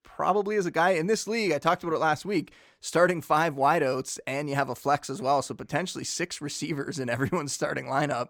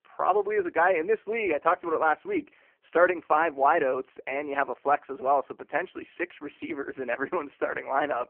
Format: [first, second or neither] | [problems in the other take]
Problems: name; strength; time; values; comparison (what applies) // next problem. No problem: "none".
first | phone-call audio; poor line